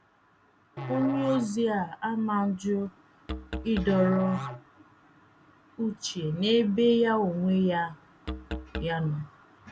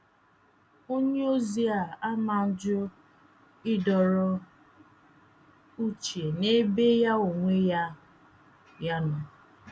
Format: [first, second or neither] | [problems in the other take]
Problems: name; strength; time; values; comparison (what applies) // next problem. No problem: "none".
second | background sound (Musical instrument + Musical instrument); 11 dB below the speech